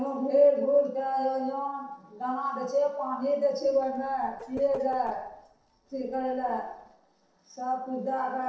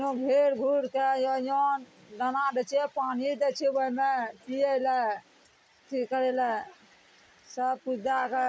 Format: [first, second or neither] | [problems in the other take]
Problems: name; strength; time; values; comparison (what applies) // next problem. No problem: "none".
second | noise reduction (neural separator model SepFormer DNS4)